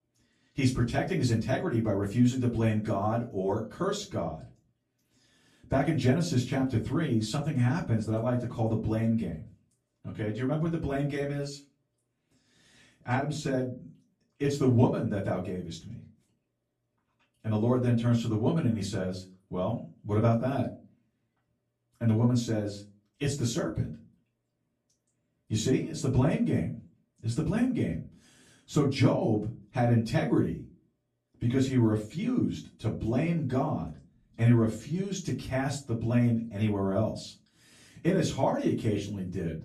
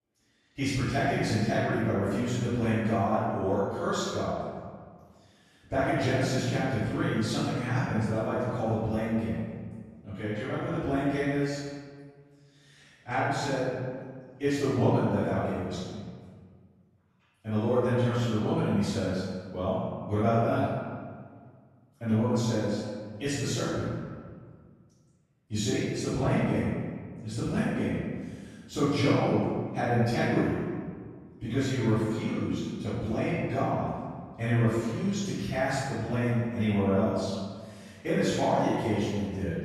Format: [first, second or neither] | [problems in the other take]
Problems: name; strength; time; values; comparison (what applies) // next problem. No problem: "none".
first | room echo; strong; dies away in 1.6 s; slight in the first // off-mic speech; far; far in the first